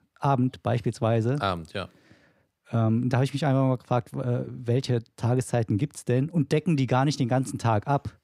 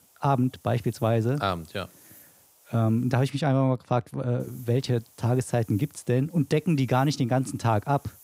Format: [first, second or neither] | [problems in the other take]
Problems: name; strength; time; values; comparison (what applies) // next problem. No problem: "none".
first | hiss; faint; until 3.5 s and from 4.5 s on; 25 dB below the speech